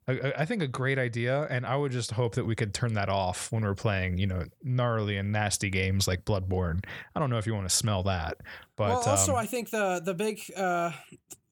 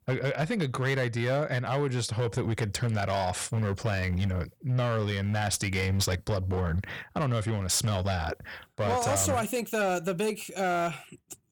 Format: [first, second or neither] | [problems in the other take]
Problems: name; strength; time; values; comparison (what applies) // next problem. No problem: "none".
first | distortion; slight; 10% of the sound clipped